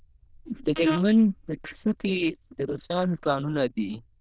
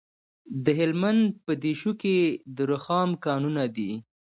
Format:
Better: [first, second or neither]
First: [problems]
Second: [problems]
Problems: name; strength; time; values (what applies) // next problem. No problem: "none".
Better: second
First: noise reduction (neural diffusion model UNIVERSE++)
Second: none